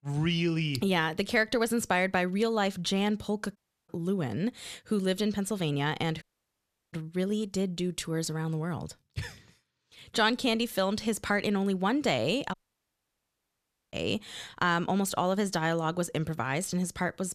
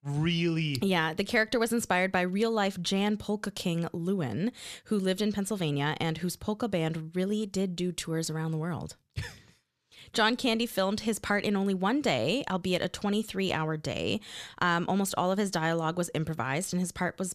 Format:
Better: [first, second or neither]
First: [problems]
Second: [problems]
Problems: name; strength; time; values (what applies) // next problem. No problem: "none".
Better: second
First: audio cutting out; at 3.5 s, at 6 s for 0.5 s and at 13 s for 1.5 s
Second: none